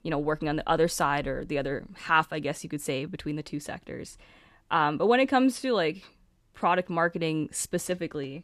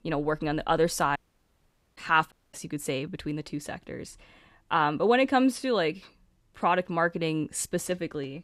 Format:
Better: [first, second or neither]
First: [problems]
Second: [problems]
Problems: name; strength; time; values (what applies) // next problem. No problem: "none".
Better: first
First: none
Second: audio cutting out; at 1 s for 1 s and at 2.5 s